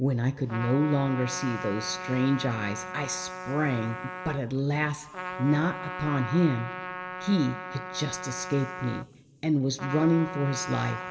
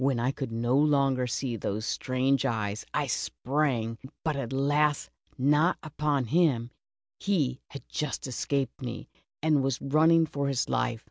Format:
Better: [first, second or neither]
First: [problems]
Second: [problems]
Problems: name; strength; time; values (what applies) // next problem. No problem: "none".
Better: second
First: background sound (Trumpet); 9 dB below the speech // room echo; dies away in 2 s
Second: none